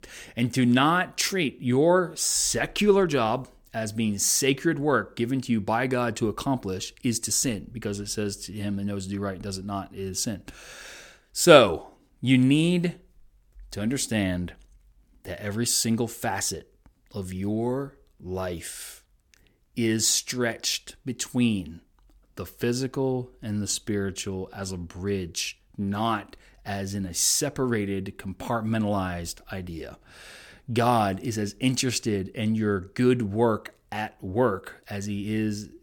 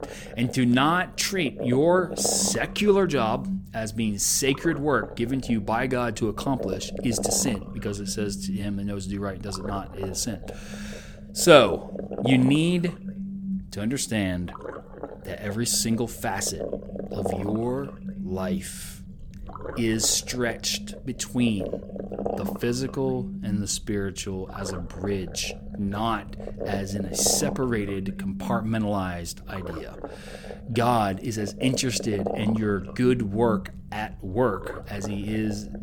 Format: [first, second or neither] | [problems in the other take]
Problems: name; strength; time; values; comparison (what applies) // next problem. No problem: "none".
first | low rumble; noticeable; throughout; 10 dB below the speech